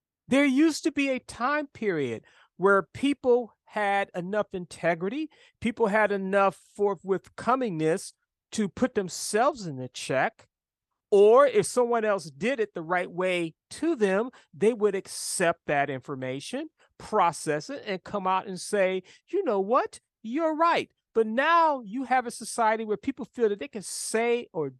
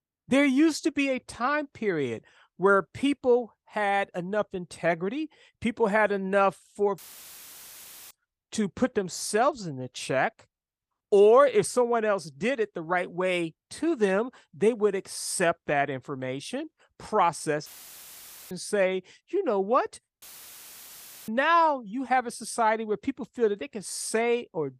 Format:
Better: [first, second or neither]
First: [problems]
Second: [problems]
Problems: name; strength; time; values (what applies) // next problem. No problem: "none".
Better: first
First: none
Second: audio cutting out; filled with static; at 7 s for 1 s, at 18 s for 1 s and at 20 s for 1 s